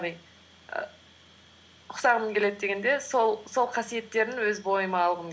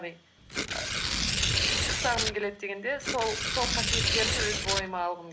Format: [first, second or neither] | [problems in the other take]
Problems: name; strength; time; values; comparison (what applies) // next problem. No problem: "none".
first | background sound (Tearing); 5 dB above the speech